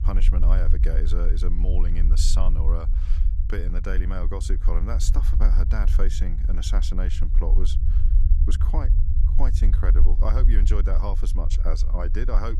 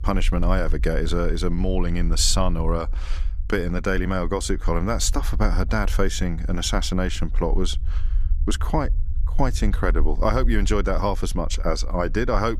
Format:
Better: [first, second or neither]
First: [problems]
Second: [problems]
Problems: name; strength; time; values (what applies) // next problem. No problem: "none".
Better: second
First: low rumble; loud; throughout; 8 dB below the speech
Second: low rumble; faint; throughout; 25 dB below the speech